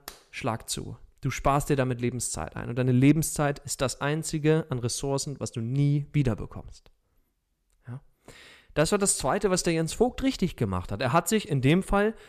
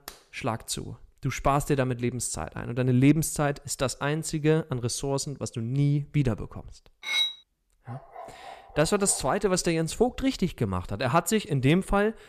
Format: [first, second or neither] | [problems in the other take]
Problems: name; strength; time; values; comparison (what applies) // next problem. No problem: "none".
first | clattering dishes; loud; at 7 s; peak 2 dB above the speech // dog barking; faint; from 8 to 9.5 s; peak 15 dB below the speech